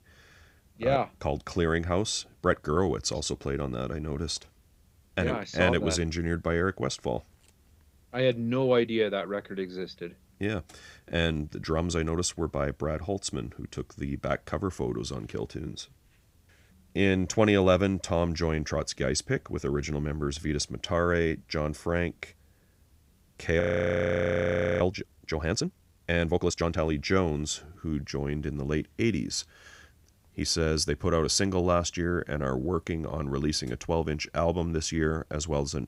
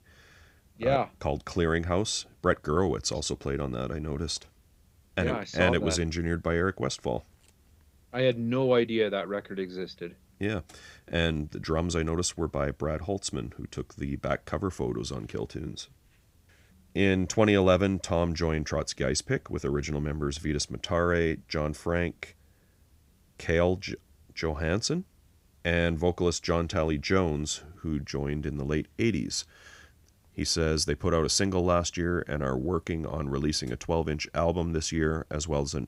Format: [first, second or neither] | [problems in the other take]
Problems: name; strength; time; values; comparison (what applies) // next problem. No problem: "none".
second | audio freezing; at 24 s for 1 s